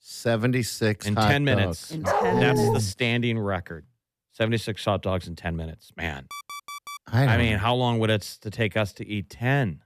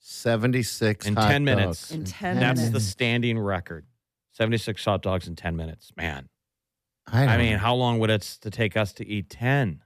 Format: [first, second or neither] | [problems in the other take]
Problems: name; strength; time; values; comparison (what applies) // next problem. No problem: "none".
second | dog barking; loud; at 2 s; peak 2 dB above the speech // alarm; faint; at 6.5 s; peak 10 dB below the speech